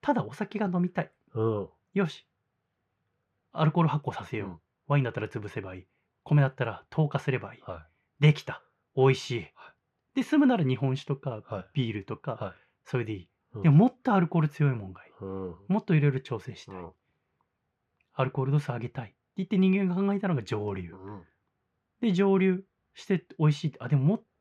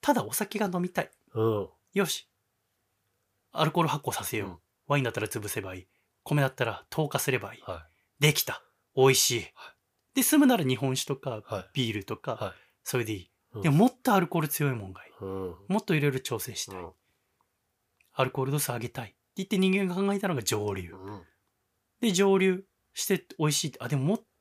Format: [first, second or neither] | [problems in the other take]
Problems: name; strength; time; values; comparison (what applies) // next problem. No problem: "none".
second | muffled; very; fading above 2.5 kHz